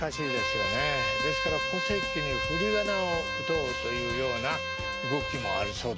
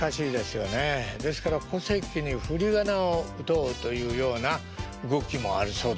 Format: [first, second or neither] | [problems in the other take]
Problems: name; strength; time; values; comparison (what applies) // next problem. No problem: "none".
second | background sound (Bowed string instrument); as loud as the speech